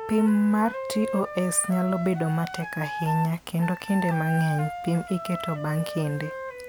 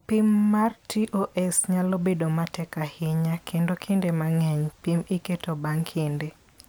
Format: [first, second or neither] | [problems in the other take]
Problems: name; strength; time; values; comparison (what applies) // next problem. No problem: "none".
second | background sound (Wind instrument, woodwind instrument); 8 dB below the speech